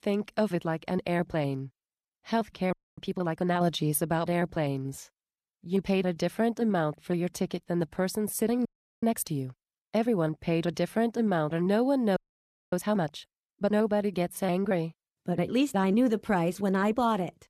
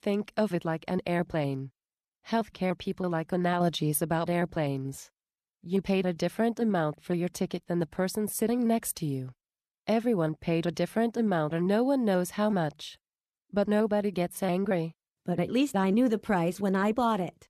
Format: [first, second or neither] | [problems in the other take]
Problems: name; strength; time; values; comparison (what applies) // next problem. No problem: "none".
second | audio freezing; at 2.5 s, at 8.5 s and at 12 s for 0.5 s